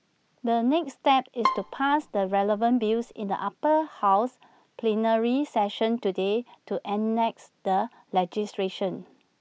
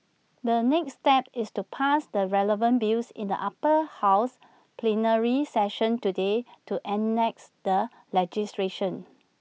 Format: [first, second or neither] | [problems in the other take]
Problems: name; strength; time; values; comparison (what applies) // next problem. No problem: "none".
second | background sound (Bowed string instrument); 8 dB below the speech